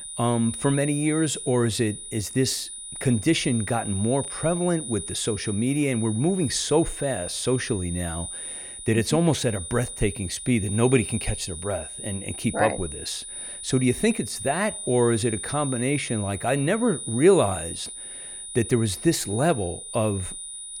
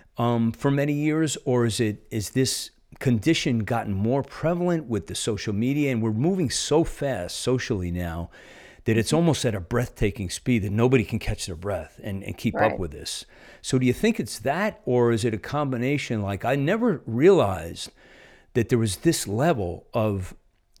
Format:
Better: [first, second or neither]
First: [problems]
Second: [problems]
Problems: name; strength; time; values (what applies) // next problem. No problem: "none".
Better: second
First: high-pitched whine; loud; throughout; 9.5 kHz, 8 dB below the speech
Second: none